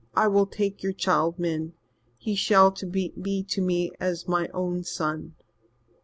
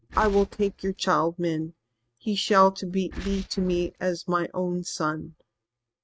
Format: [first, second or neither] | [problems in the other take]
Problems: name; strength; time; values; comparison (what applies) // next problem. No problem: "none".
first | noise reduction (neural mask model RNNoise)